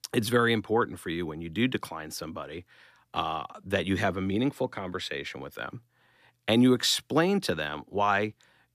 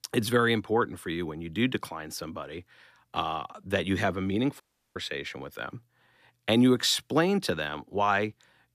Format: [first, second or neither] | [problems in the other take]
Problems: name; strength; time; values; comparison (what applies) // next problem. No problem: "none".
first | audio cutting out; at 4.5 s